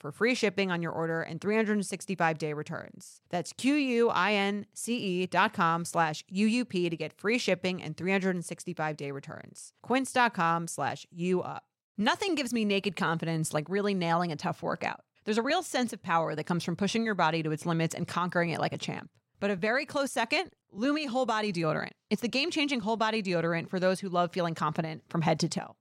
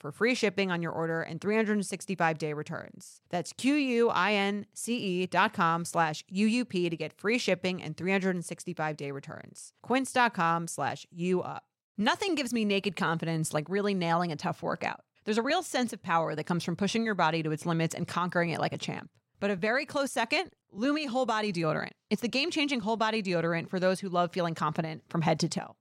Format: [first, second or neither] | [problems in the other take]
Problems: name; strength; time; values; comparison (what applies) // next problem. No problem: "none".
neither | none